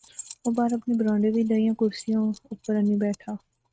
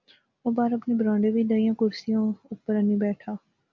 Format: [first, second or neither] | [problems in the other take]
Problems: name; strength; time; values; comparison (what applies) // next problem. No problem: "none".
second | noise reduction (neural mask model RNNoise)